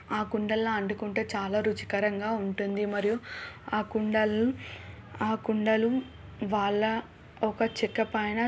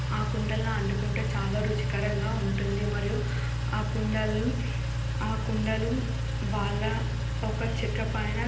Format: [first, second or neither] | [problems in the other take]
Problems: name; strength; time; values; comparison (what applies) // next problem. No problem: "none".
first | background sound (Engine); 4 dB above the speech // room echo; dies away in 0.9 s